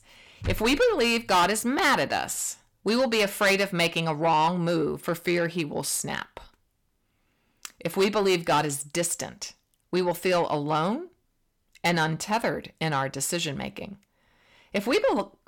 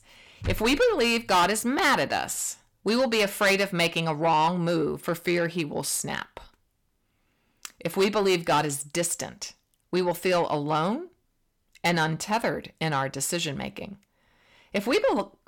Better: neither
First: distortion; heavy; 7 dB below the speech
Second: distortion; heavy; 7 dB below the speech

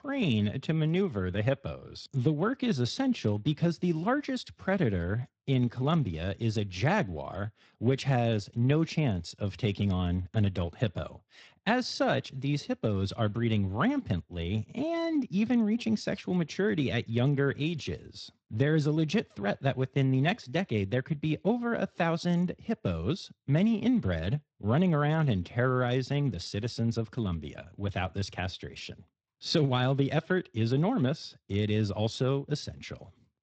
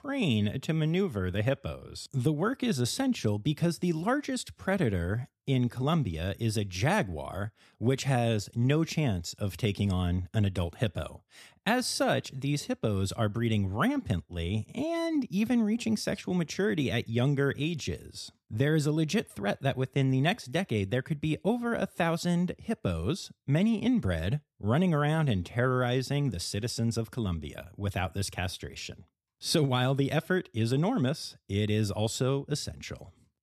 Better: second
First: garbled, watery; slightly; nothing above 8 kHz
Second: none

